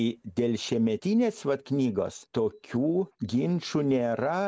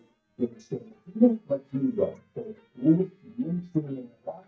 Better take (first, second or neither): first